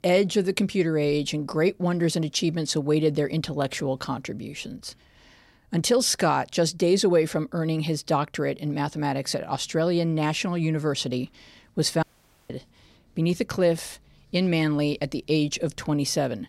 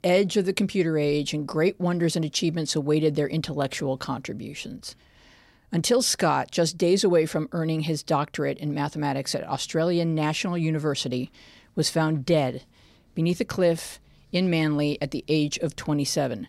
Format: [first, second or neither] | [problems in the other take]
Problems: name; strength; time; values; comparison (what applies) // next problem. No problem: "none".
second | audio cutting out; at 12 s